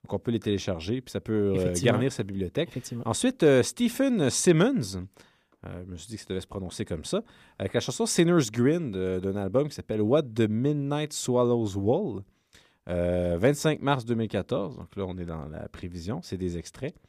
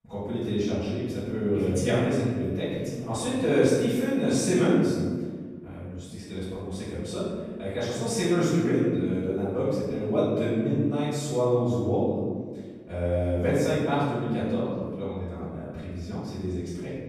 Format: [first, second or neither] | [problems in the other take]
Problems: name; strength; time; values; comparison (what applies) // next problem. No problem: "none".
first | off-mic speech; far // room echo; strong; dies away in 1.5 s